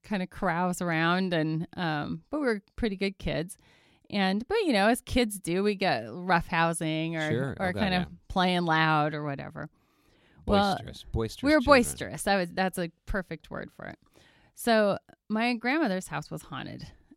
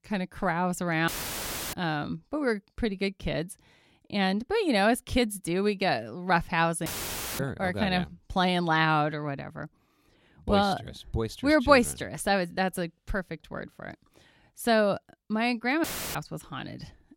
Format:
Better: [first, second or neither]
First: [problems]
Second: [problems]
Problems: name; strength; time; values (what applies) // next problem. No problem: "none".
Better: first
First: none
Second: audio cutting out; filled with static; at 1 s for 0.5 s, at 7 s for 0.5 s and at 16 s